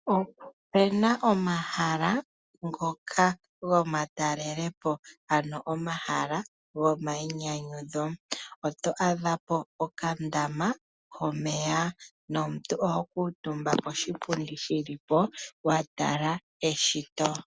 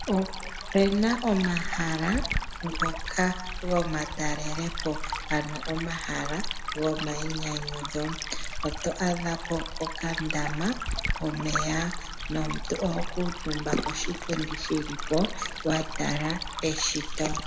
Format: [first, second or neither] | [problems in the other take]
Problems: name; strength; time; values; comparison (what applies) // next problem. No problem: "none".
first | background sound (Stream); 3 dB below the speech // room echo; dies away in 1.4 s